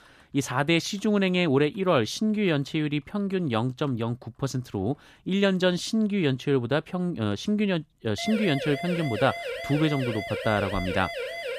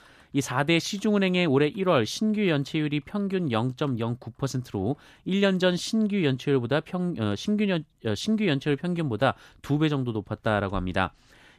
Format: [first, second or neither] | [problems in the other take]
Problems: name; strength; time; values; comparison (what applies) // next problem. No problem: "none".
second | siren; noticeable; from 8 s on; peak 6 dB below the speech